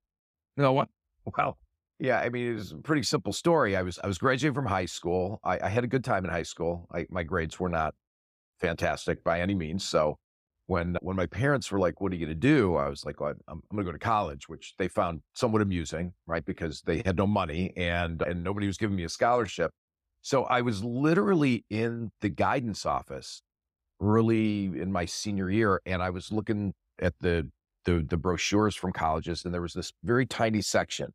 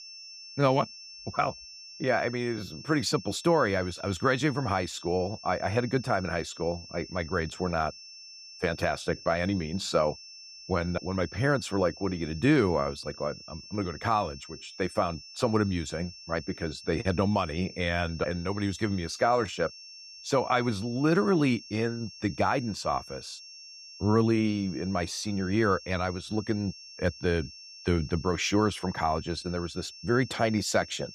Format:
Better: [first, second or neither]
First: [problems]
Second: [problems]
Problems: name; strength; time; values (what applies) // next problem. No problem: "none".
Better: first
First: none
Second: high-pitched whine; noticeable; throughout; 5.5 kHz, 15 dB below the speech